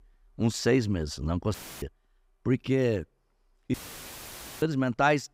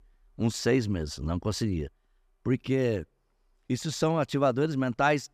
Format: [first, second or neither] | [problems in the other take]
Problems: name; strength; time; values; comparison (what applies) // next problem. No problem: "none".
second | audio cutting out; filled with static; at 1.5 s and at 3.5 s for 1 s